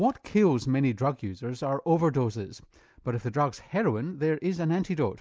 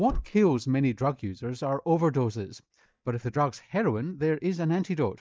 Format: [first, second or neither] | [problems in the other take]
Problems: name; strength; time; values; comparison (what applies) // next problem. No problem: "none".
first | noise reduction (neural mask model DeepFilterNet 3)